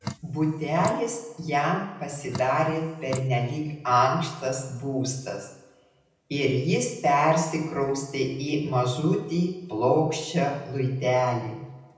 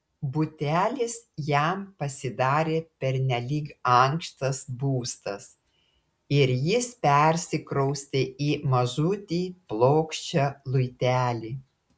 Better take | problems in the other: second | background sound (Drip); 11 dB below the speech // room echo; dies away in 0.8 s

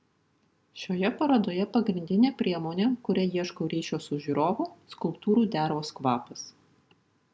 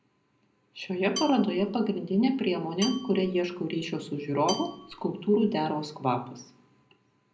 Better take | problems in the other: first | background sound (Dishes, pots, and pans / Glass / Bell); 13 dB below the speech // room echo; dies away in 0.5 s

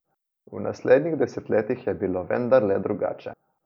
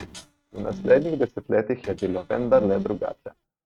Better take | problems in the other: first | noise reduction (neural mask model RNNoise)

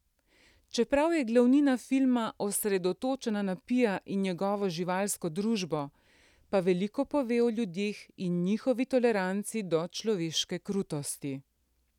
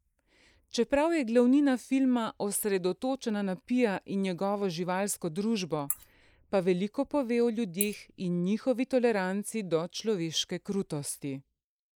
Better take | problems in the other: first | noise reduction (neural mask model Resemble Enhance denoiser)

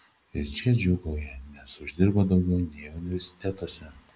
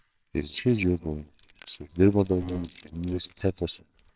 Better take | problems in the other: first | noise reduction (neural separator model SepFormer WHAMR!)

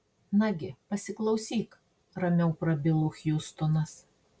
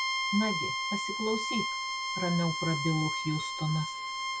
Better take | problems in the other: first | background sound (Bowed string instrument); as loud as the speech

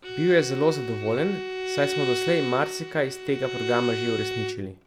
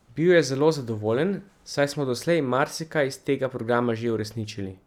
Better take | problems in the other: second | background sound (Bowed string instrument); 5 dB below the speech

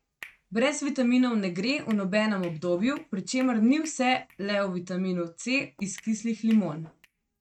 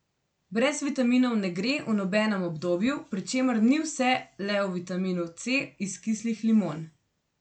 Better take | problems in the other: second | noise reduction (neural mask model RNNoise)

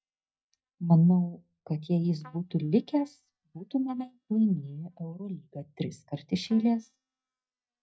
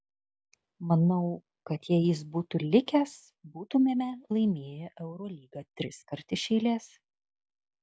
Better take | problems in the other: second | noise reduction (neural mask model DeepFilterNet 3)

